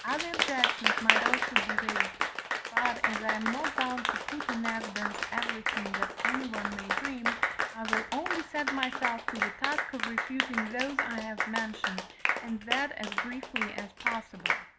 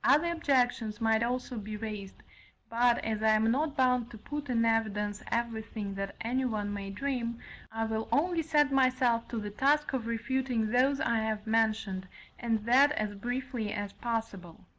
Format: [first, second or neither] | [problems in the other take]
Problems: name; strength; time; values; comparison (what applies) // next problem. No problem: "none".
second | background sound (Applause); 4 dB above the speech